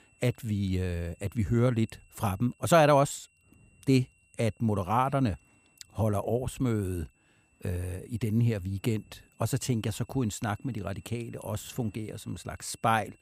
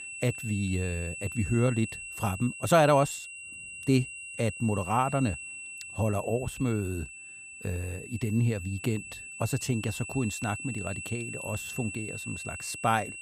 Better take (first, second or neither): first